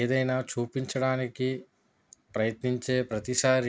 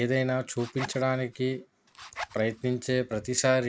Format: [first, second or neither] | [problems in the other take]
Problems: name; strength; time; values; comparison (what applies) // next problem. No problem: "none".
first | background sound (Zipper (clothing)); 15 dB below the speech